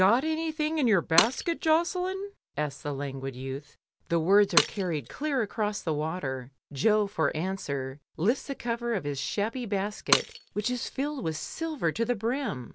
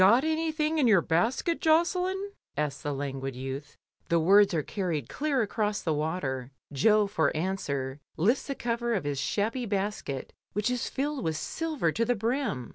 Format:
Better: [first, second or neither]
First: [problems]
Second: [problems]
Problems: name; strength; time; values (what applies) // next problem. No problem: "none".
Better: second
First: background sound (Shatter); 8 dB below the speech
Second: none